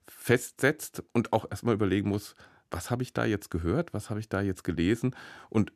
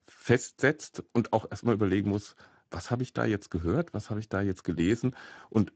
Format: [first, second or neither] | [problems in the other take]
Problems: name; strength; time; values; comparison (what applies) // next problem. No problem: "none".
first | garbled, watery; badly; nothing above 7.5 kHz